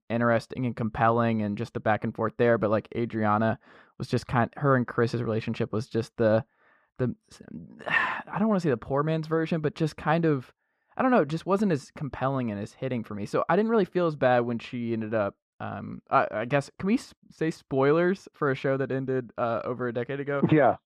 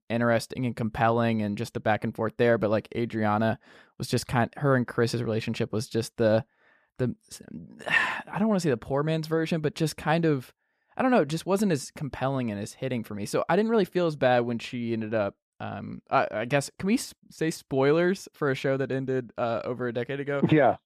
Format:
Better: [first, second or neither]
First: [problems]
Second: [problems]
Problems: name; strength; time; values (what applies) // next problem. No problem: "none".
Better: second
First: muffled; slightly; fading above 2.5 kHz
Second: none